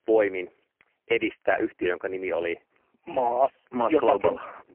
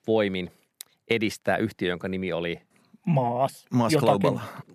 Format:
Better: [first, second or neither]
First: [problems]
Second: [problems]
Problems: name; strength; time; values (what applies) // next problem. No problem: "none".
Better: second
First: phone-call audio; poor line; nothing above 3 kHz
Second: none